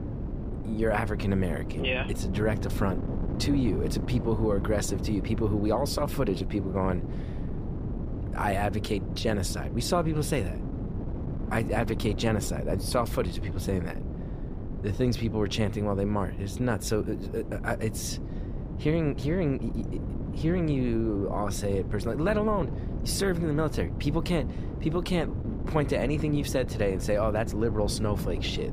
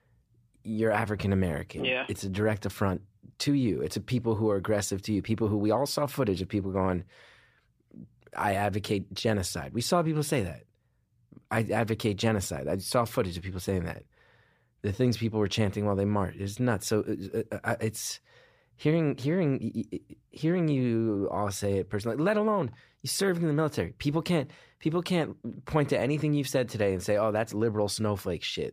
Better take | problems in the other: second | wind noise on the microphone; occasional gusts; 10 dB below the speech

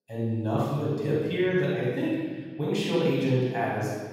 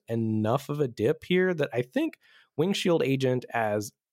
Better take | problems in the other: second | off-mic speech; far // room echo; strong; dies away in 1.8 s

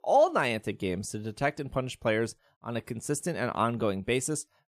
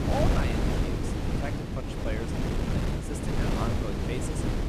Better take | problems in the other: first | wind noise on the microphone; heavy; 3 dB above the speech

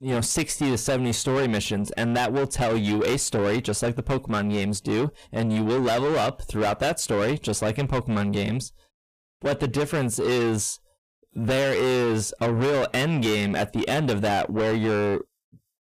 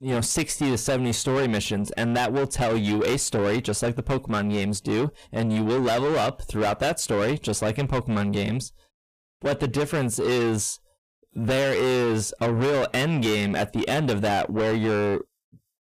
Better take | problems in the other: neither | distortion; heavy; 6 dB below the speech; the same in both

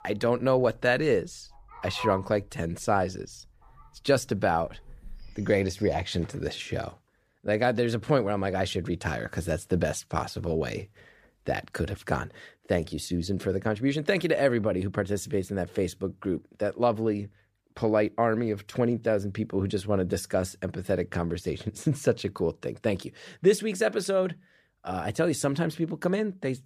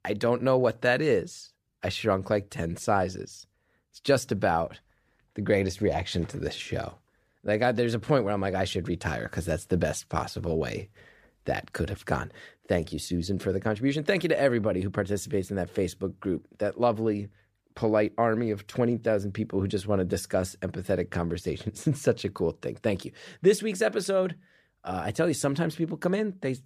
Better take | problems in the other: second | animal sounds; noticeable; until 6 s; 15 dB below the speech

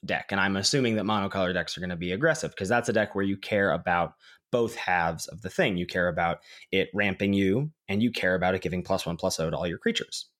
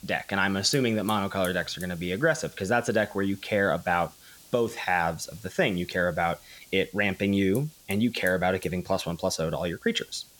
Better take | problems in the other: first | hiss; faint; throughout; 20 dB below the speech

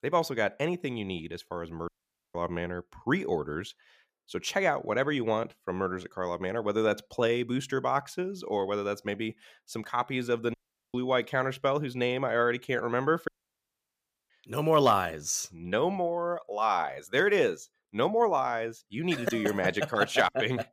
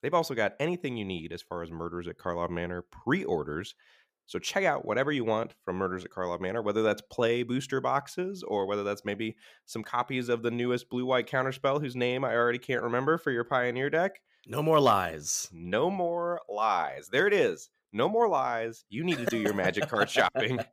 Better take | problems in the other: second | audio cutting out; at 2 s, at 11 s and at 13 s for 1 s

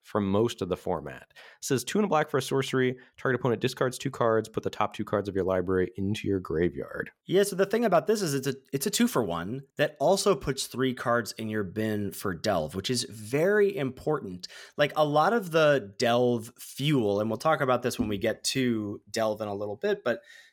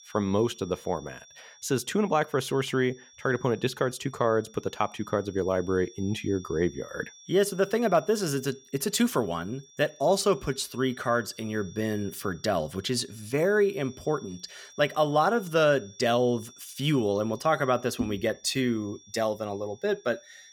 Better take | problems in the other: first | high-pitched whine; faint; throughout; 5.5 kHz, 25 dB below the speech

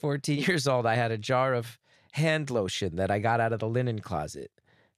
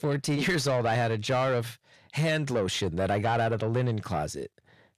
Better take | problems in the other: first | distortion; slight; 10 dB below the speech

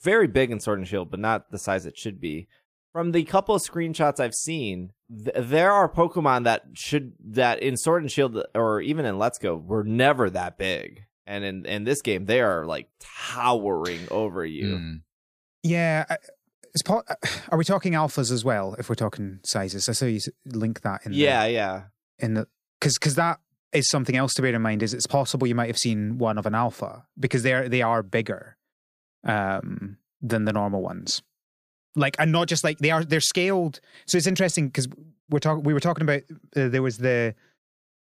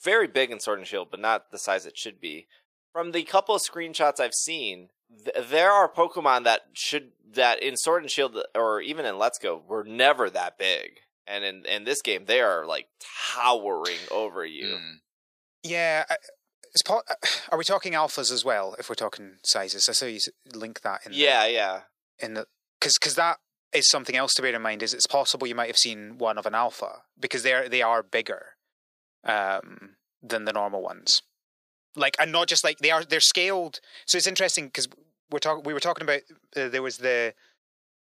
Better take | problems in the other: first | thin; very; fading below 550 Hz

